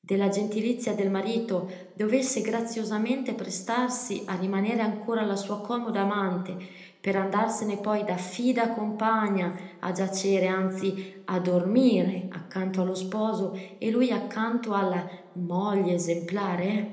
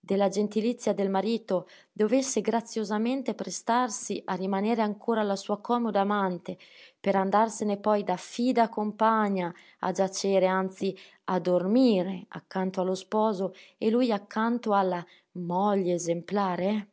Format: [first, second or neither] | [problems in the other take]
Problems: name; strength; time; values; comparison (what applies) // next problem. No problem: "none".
second | room echo; dies away in 1 s